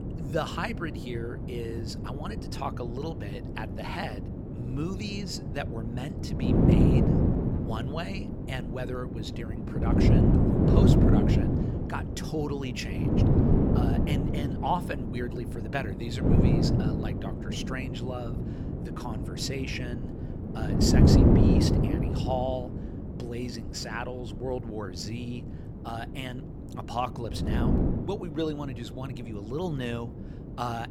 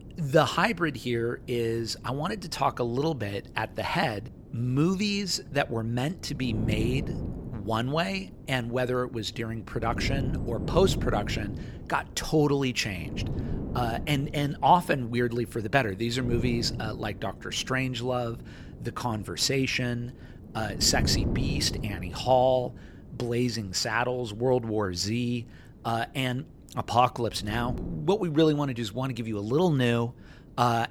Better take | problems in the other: second | wind noise on the microphone; heavy; 2 dB above the speech; occasional gusts in the second

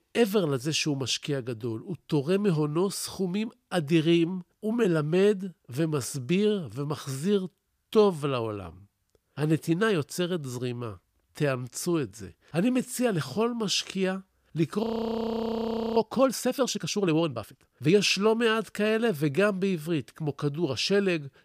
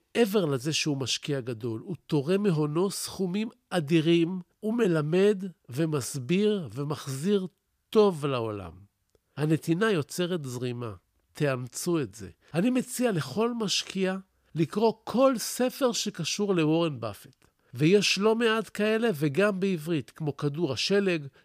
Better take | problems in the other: second | audio freezing; at 15 s for 1 s

